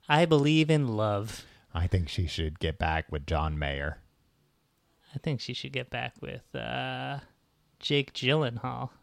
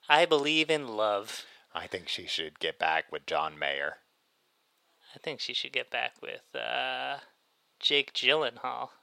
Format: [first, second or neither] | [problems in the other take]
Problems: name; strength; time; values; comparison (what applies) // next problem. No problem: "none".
first | thin; very; fading below 550 Hz